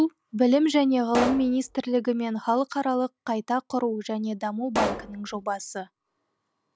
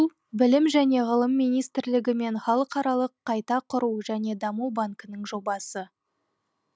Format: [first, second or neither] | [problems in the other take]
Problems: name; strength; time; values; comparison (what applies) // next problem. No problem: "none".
second | background sound (Explosion); 7 dB below the speech